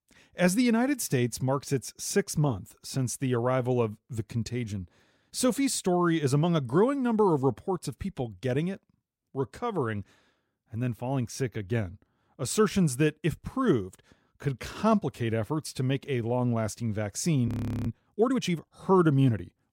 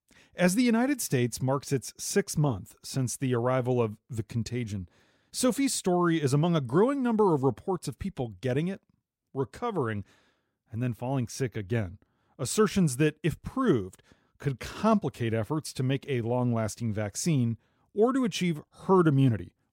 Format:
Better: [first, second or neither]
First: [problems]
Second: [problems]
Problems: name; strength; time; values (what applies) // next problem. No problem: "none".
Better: second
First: audio freezing; at 17 s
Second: none